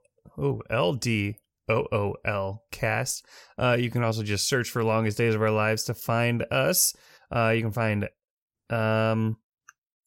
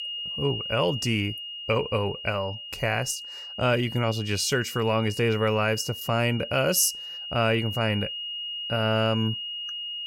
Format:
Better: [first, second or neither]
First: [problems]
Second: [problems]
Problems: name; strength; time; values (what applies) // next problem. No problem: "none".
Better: first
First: none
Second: high-pitched whine; loud; throughout; 3 kHz, 7 dB below the speech